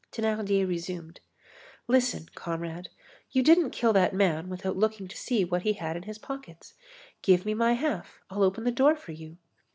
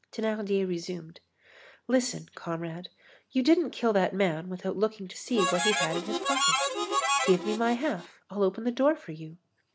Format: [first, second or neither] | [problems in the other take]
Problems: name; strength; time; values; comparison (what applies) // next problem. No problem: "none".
first | background sound (Harmonica); as loud as the speech